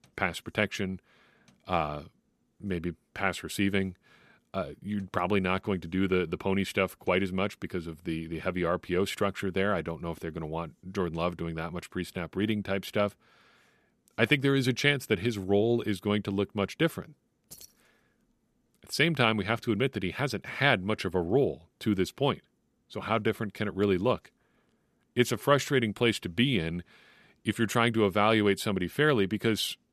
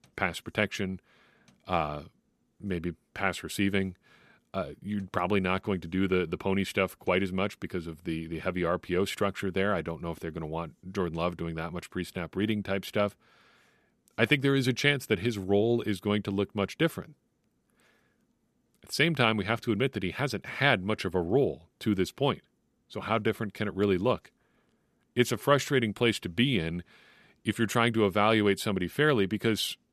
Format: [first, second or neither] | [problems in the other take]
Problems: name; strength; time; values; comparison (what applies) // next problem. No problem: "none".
second | jangling keys; faint; at 18 s; peak 20 dB below the speech